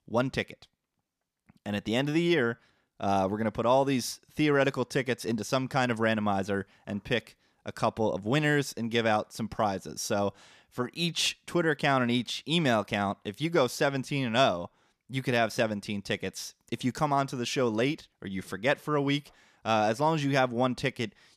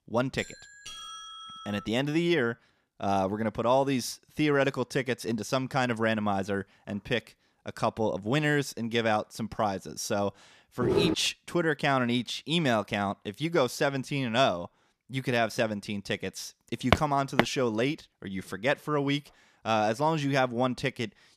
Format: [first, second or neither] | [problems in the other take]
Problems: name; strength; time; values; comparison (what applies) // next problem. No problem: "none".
first | doorbell; faint; until 2 s; peak 10 dB below the speech // footsteps; loud; at 11 s and at 17 s; peak 2 dB above the speech